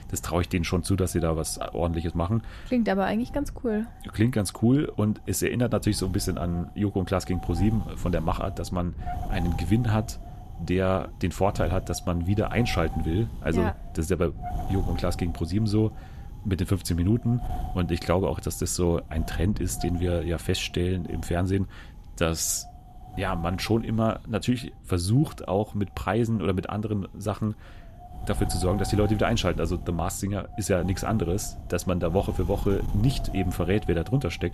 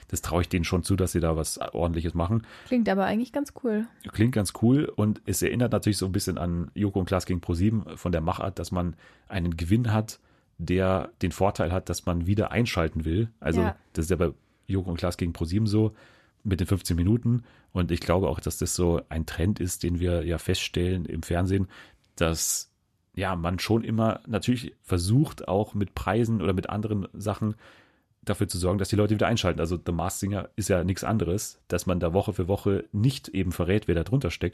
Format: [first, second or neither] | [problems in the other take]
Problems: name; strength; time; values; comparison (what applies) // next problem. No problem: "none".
second | wind noise on the microphone; occasional gusts; 15 dB below the speech